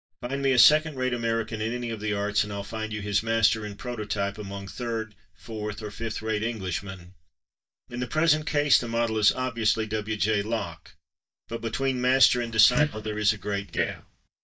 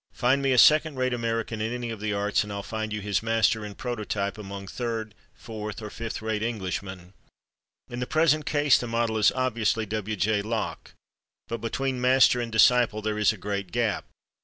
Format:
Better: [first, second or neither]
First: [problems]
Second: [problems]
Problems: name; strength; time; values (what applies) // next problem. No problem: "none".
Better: second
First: noise reduction (neural mask model DeepFilterNet 3)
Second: none